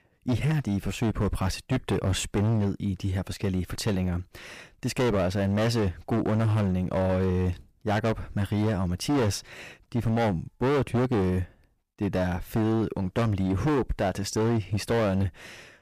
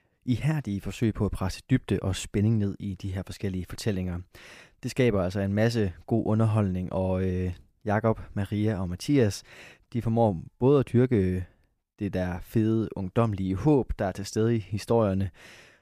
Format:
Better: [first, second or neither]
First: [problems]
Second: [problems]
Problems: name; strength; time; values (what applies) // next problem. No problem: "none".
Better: second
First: distortion; heavy; 18% of the sound clipped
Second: none